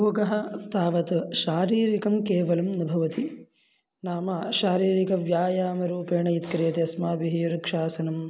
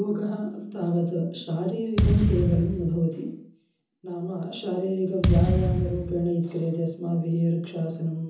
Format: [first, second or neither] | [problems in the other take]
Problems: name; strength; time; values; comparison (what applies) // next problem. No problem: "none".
first | background sound (Thump, thud); 3 dB above the speech // room echo; dies away in 0.6 s